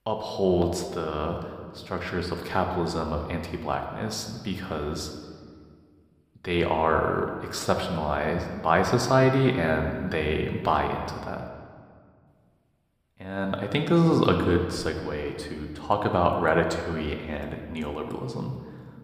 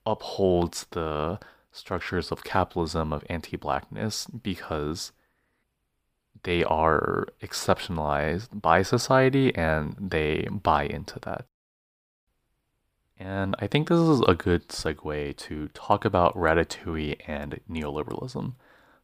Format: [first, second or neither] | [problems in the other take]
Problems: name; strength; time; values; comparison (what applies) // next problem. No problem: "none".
second | room echo; slight; dies away in 1.5 s